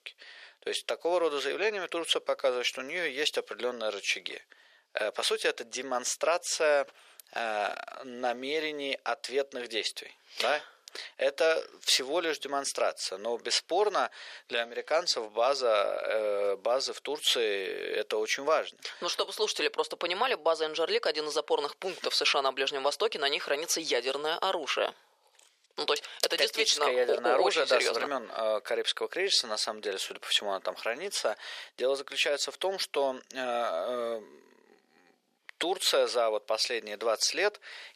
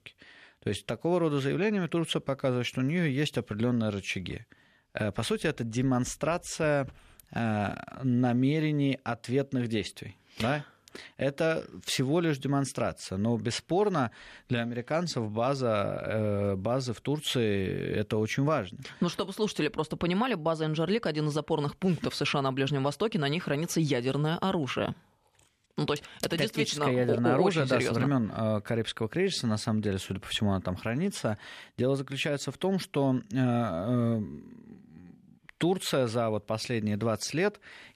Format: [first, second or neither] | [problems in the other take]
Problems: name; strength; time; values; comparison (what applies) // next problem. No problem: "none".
second | thin; very; fading below 450 Hz